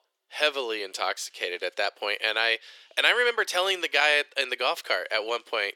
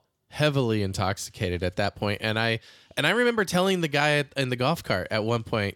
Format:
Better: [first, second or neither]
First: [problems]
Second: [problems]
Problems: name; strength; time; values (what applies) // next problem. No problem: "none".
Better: second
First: thin; very; fading below 400 Hz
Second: none